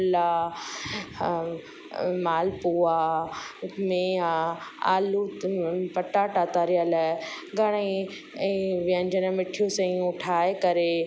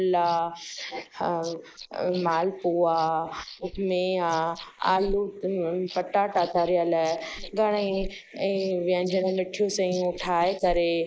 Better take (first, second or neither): first